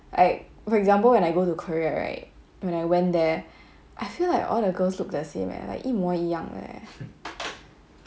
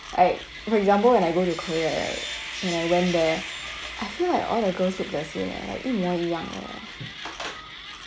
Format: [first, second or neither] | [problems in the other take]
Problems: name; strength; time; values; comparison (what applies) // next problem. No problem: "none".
first | background sound (Sawing + Mechanisms); 11 dB below the speech